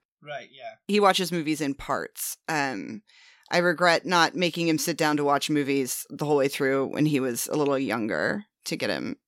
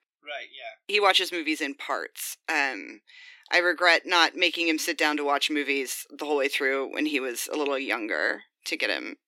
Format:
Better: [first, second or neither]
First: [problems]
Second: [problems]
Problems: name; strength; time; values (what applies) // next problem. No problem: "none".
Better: first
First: none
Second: thin; somewhat; fading below 300 Hz